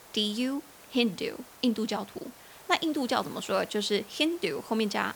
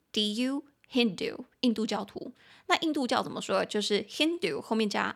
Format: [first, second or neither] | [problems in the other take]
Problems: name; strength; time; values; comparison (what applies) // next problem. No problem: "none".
second | hiss; noticeable; throughout; 20 dB below the speech